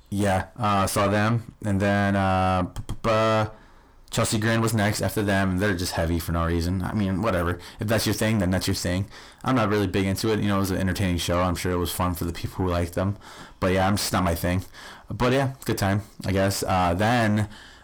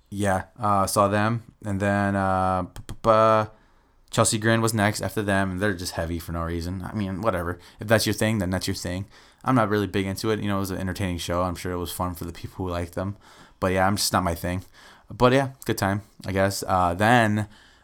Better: second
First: distortion; heavy; 6 dB below the speech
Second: none

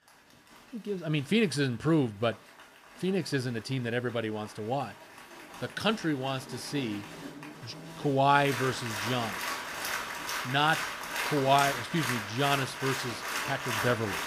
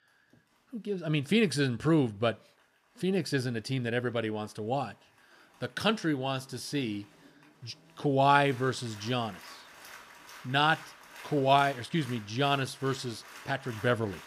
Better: second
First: crowd noise; loud; throughout; 5 dB below the speech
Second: crowd noise; faint; throughout; 20 dB below the speech

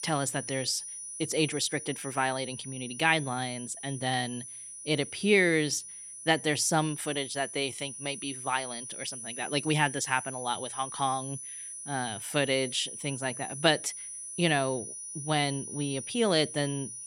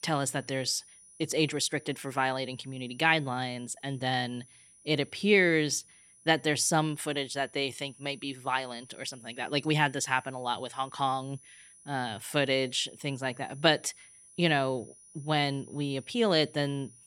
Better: second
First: high-pitched whine; loud; throughout; 9.5 kHz, 9 dB below the speech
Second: high-pitched whine; faint; throughout; 9.5 kHz, 25 dB below the speech

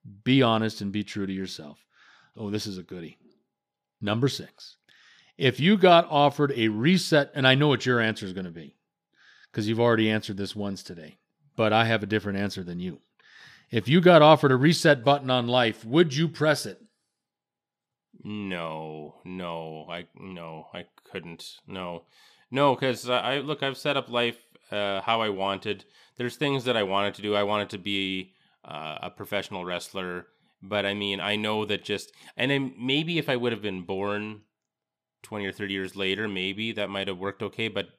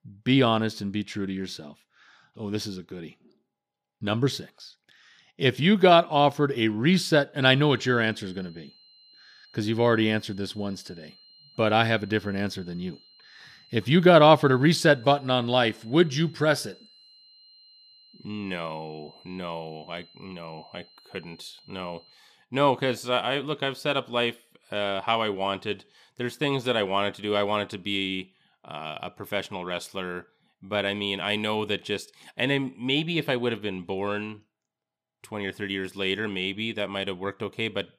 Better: first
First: none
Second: high-pitched whine; faint; from 7.5 to 22 s; 4 kHz, 30 dB below the speech

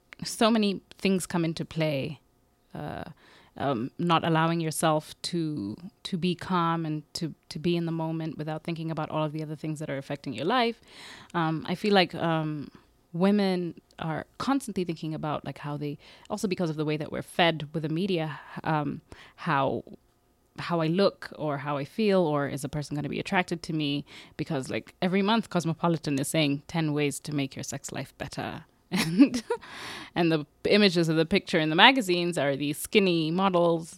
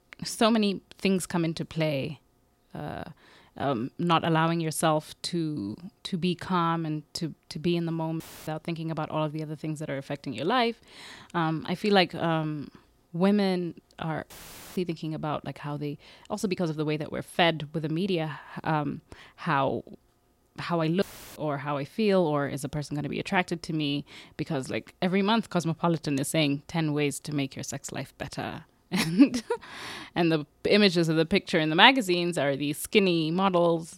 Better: first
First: none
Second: audio cutting out; filled with static; at 8 s, at 14 s and at 21 s

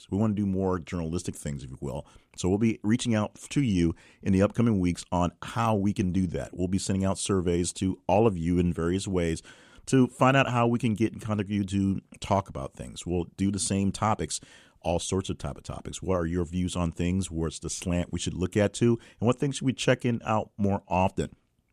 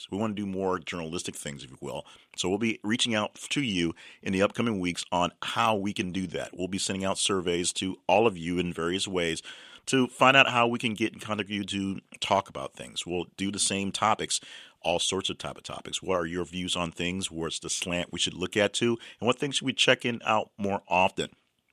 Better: first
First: none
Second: thin; very slightly; fading below 900 Hz

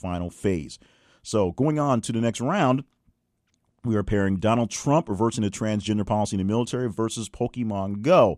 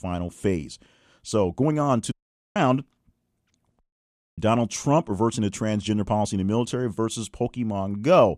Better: first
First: none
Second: audio cutting out; at 2 s and at 4 s for 0.5 s

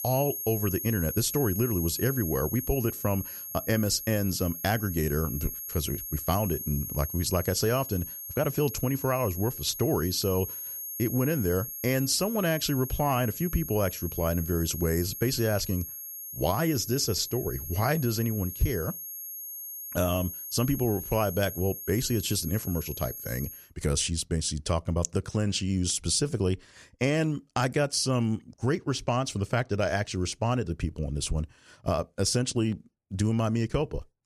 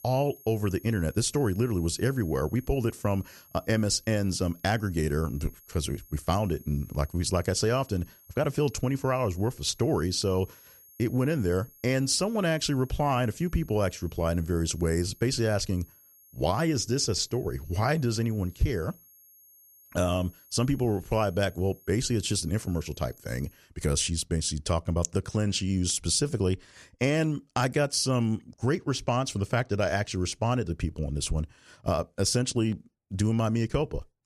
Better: second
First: high-pitched whine; loud; until 24 s; 11.5 kHz, 7 dB below the speech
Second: high-pitched whine; faint; until 24 s; 11.5 kHz, 25 dB below the speech

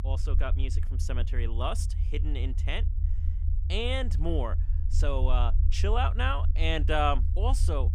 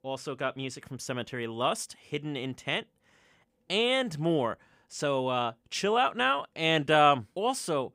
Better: second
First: low rumble; noticeable; throughout; 15 dB below the speech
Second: none

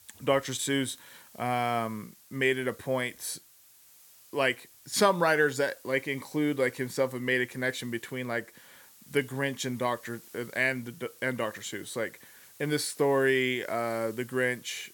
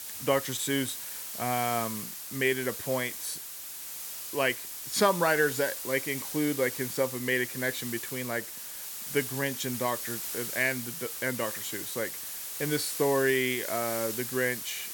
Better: first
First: hiss; faint; throughout; 20 dB below the speech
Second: hiss; loud; throughout; 5 dB below the speech

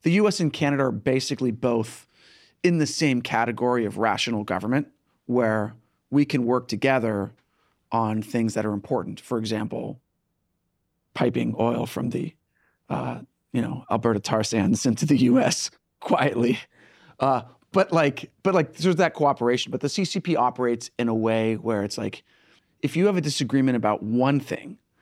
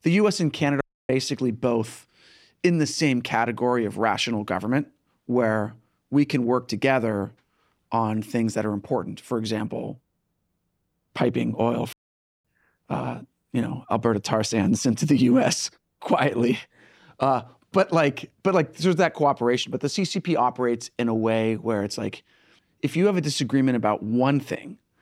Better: first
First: none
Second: audio cutting out; at 1 s and at 12 s for 0.5 s

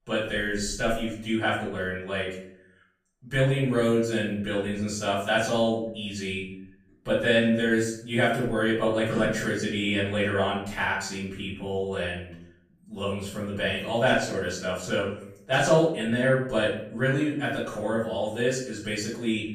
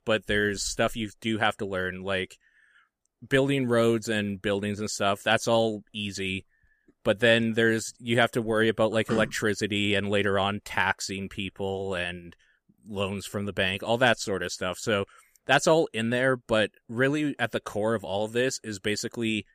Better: second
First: off-mic speech; far // room echo; noticeable; dies away in 0.6 s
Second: none

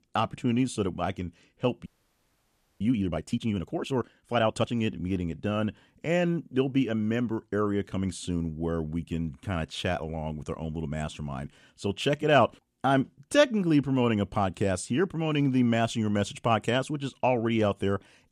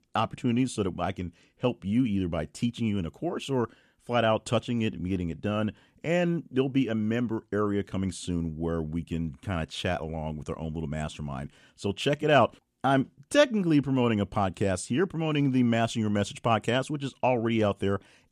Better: second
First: audio freezing; at 2 s for 1 s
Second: none

